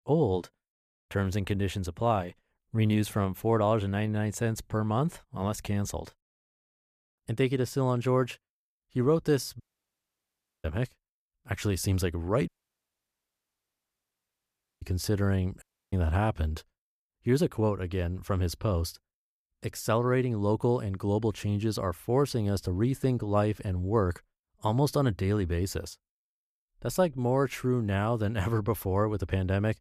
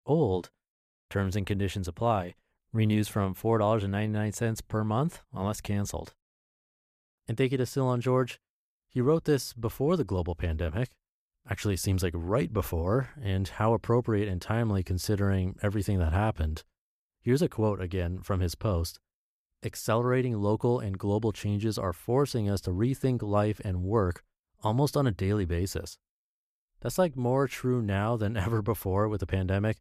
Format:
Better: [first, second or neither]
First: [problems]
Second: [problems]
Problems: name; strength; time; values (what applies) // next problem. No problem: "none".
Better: second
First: audio cutting out; at 9.5 s for 1 s, at 12 s for 2.5 s and at 16 s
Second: none